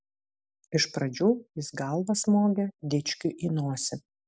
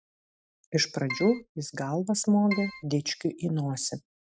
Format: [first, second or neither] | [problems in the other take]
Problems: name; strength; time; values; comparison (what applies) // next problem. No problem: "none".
first | noise reduction (neural mask model RNNoise)